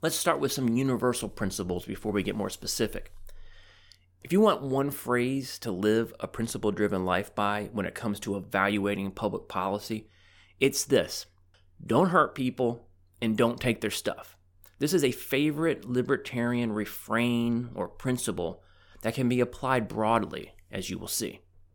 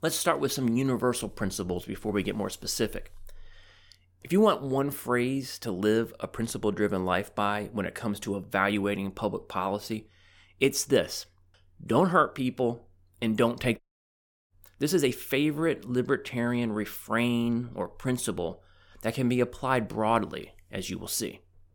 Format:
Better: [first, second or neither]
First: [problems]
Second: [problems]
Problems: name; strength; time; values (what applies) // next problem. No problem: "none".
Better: first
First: none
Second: audio cutting out; at 14 s for 0.5 s